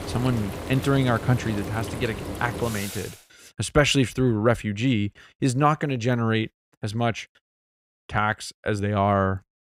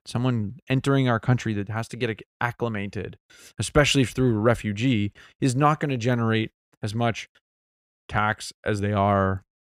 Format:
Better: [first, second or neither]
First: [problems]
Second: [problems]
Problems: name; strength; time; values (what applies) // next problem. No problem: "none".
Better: second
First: household noises; loud; until 3 s; 9 dB below the speech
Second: none